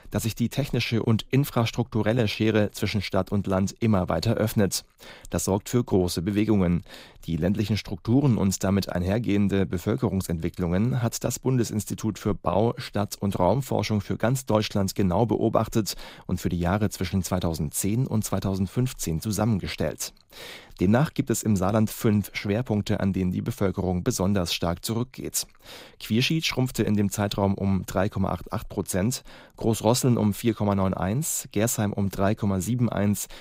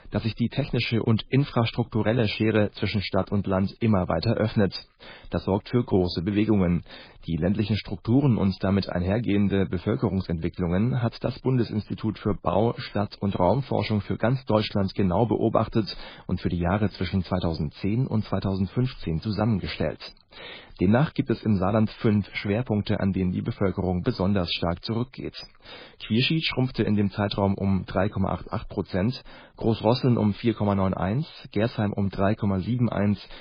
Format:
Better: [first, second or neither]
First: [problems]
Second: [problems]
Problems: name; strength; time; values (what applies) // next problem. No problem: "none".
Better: first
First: none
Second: garbled, watery; badly; nothing above 5 kHz